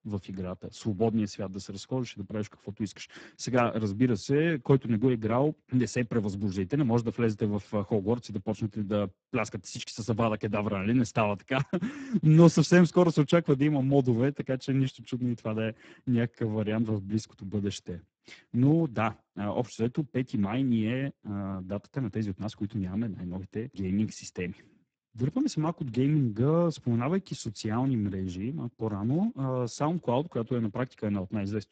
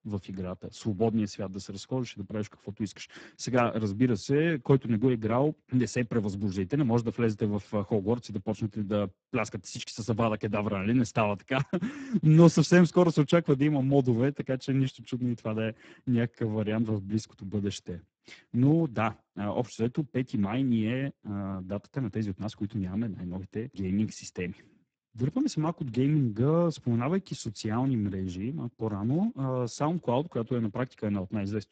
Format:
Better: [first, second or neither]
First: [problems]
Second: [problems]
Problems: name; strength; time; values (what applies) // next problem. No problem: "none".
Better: neither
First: garbled, watery; badly; nothing above 8 kHz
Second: garbled, watery; badly; nothing above 8 kHz